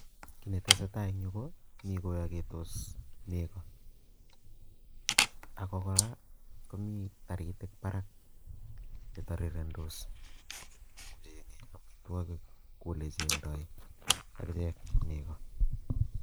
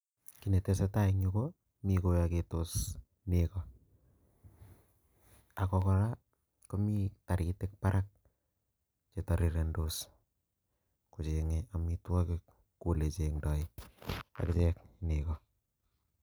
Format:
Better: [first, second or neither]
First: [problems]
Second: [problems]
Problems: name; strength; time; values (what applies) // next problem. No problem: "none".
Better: second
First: noise reduction (neural mask model Resemble Enhance denoiser)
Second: none